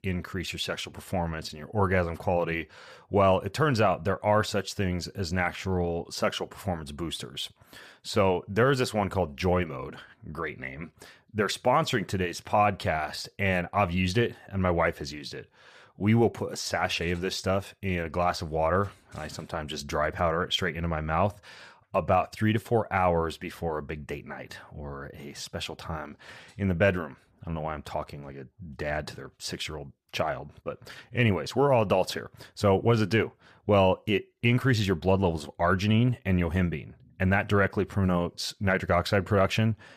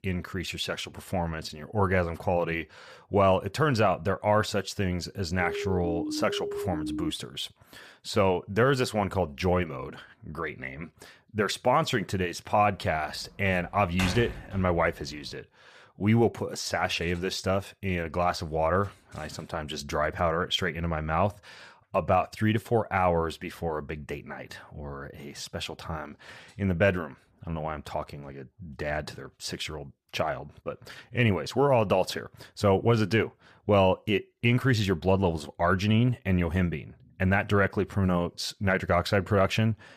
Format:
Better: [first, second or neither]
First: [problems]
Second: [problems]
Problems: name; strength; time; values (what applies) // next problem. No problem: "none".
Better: first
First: none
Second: siren; noticeable; from 5.5 to 7 s; peak 6 dB below the speech // door banging; noticeable; from 13 to 15 s; peak 6 dB below the speech